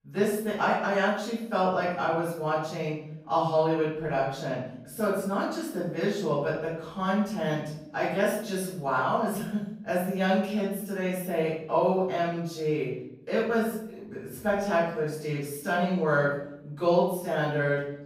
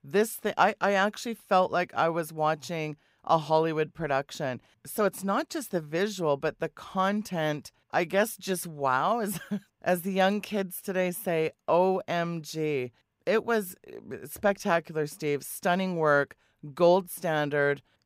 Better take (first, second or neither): second